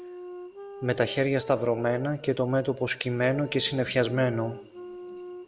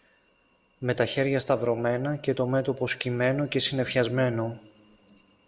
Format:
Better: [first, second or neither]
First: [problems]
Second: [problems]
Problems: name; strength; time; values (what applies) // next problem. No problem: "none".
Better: second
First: background sound (Wind instrument, woodwind instrument); 15 dB below the speech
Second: none